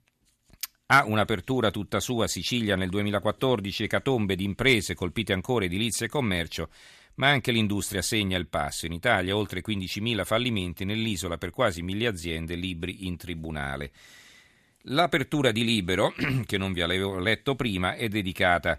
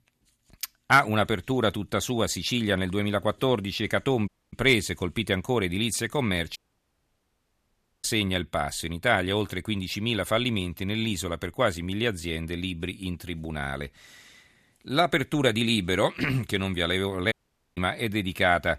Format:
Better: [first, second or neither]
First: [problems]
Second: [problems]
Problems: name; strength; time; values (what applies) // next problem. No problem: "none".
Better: first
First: none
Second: audio cutting out; at 4.5 s, at 6.5 s for 1.5 s and at 17 s